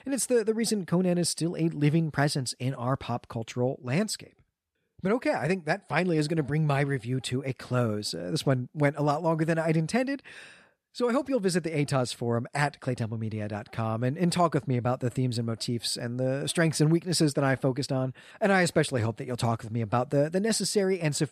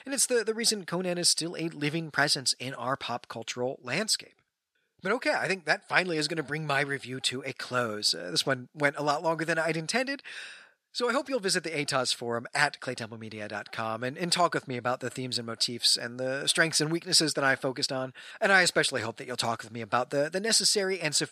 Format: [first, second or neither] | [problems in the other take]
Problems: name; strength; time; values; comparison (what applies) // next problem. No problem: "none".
first | thin; somewhat; fading below 550 Hz